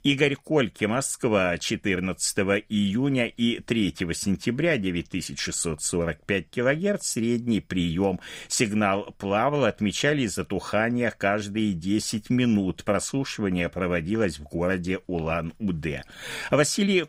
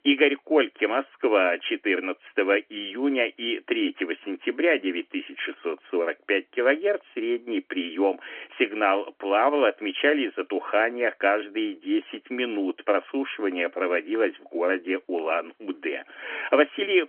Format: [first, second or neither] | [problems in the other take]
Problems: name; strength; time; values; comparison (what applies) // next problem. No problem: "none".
first | phone-call audio; nothing above 3.5 kHz